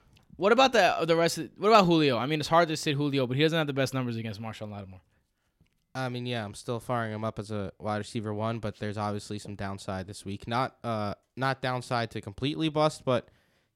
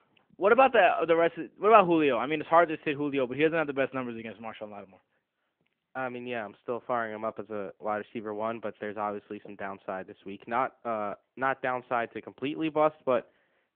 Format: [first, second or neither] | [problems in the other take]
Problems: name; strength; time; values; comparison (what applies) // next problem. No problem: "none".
first | phone-call audio